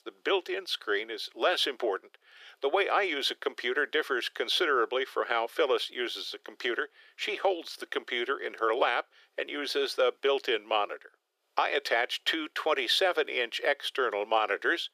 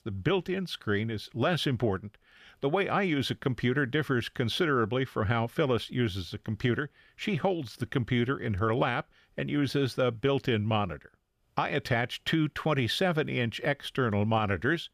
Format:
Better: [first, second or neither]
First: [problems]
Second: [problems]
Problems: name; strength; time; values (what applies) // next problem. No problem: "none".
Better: second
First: thin; very; fading below 400 Hz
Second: none